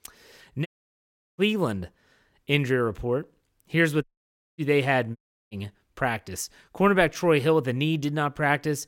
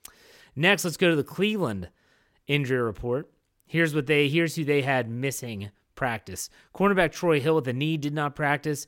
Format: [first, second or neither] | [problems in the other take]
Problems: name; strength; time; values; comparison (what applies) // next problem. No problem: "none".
second | audio cutting out; at 0.5 s for 0.5 s, at 4 s for 0.5 s and at 5 s